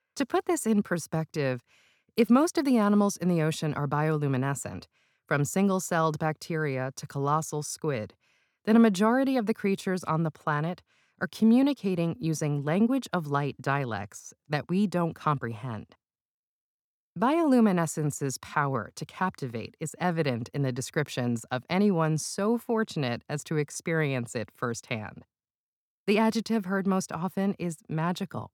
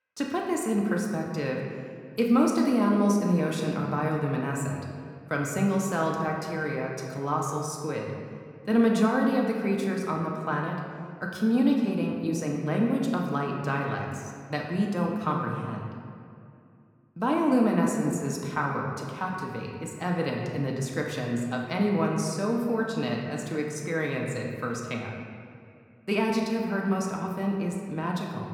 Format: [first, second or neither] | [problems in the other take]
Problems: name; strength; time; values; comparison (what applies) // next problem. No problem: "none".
first | room echo; noticeable; dies away in 1.7 s // off-mic speech; somewhat distant